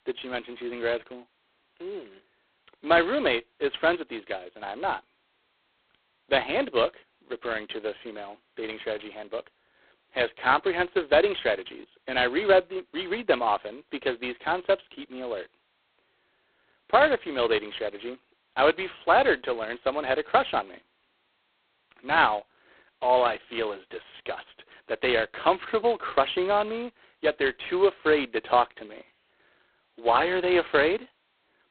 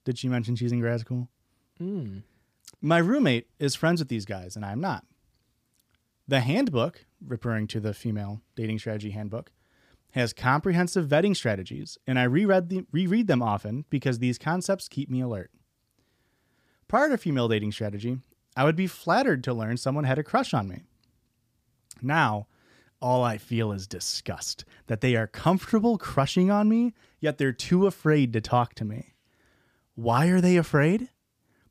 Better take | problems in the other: second | phone-call audio; poor line; nothing above 4 kHz

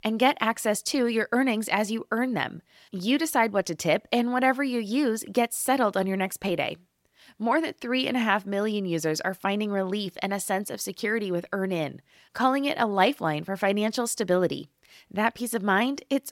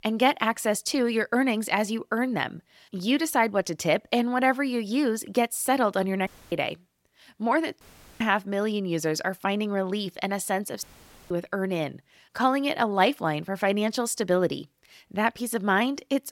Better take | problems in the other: first | audio cutting out; at 6.5 s, at 8 s and at 11 s

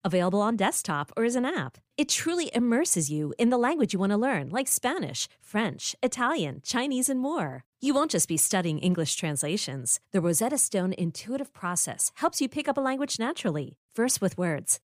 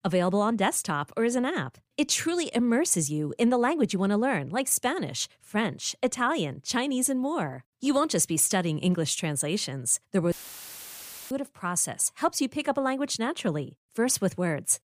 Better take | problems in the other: first | audio cutting out; filled with static; at 10 s for 1 s

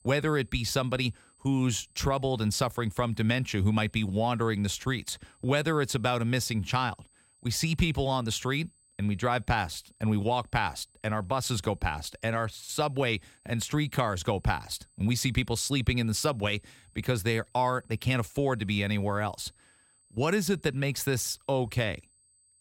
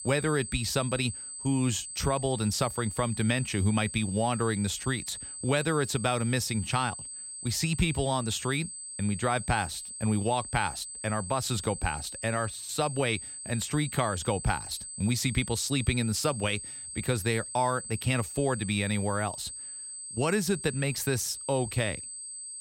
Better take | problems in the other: first | high-pitched whine; loud; throughout; 8 kHz, 8 dB below the speech; faint in the first

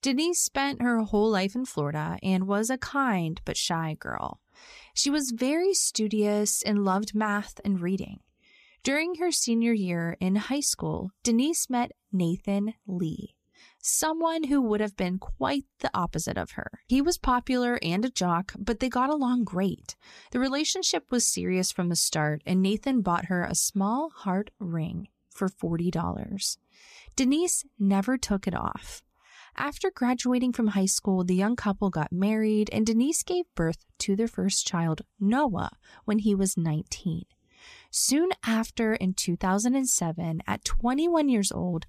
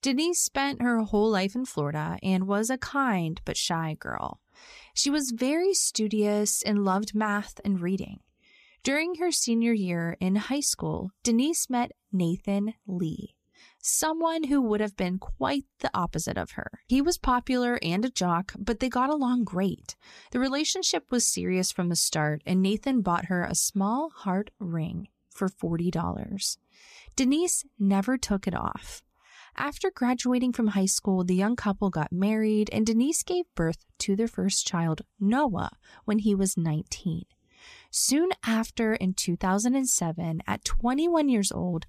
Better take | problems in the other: neither | none

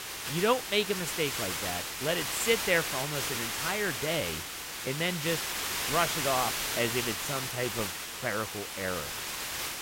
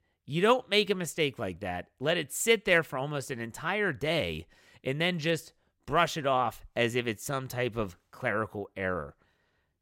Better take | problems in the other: second | hiss; loud; throughout; 1 dB below the speech

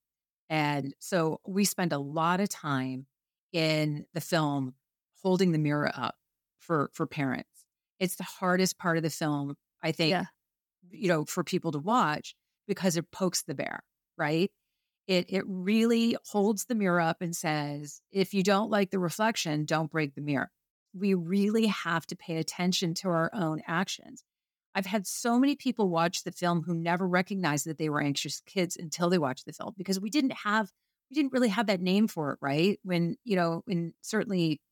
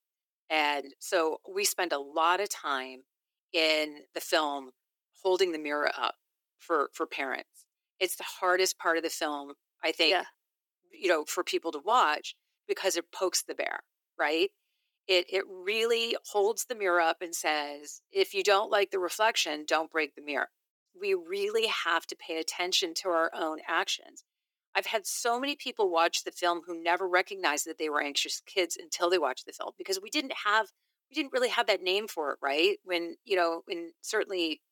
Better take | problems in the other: first | thin; very; fading below 350 Hz

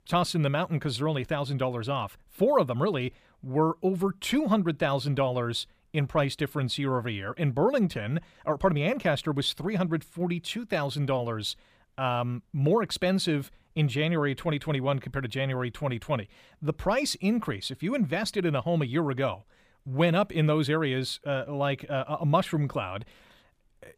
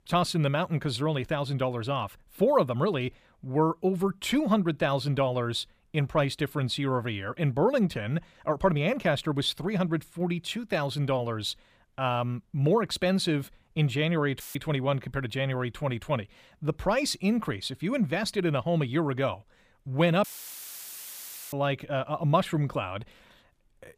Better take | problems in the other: first | audio cutting out; filled with static; at 14 s and at 20 s for 1.5 s

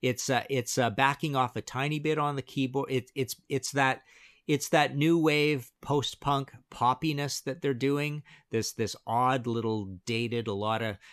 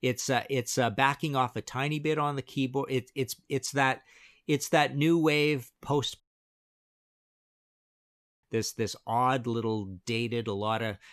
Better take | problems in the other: first | audio cutting out; at 6 s for 2 s

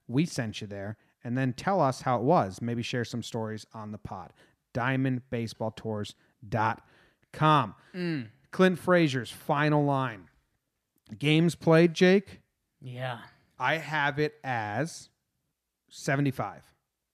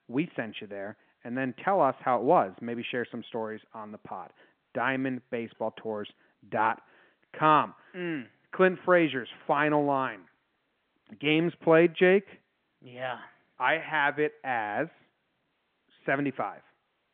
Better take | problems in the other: first | phone-call audio; nothing above 3.5 kHz

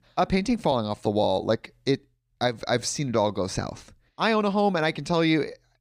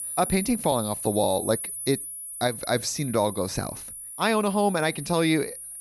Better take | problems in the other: first | high-pitched whine; loud; throughout; 10 kHz, 8 dB below the speech

